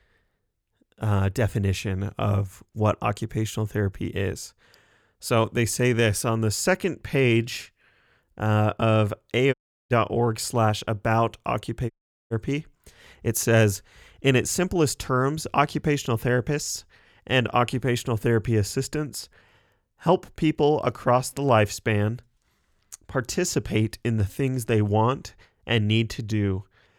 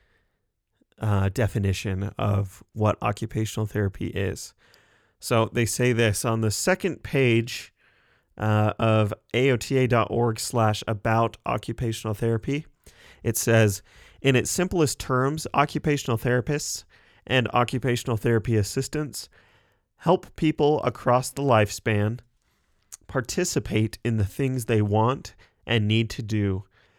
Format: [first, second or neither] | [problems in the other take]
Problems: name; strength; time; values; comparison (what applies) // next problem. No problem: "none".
second | audio cutting out; at 9.5 s and at 12 s